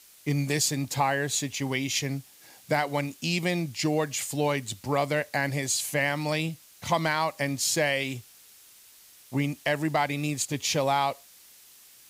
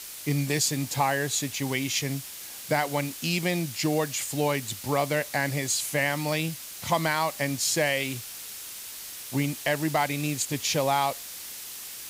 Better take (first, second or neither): first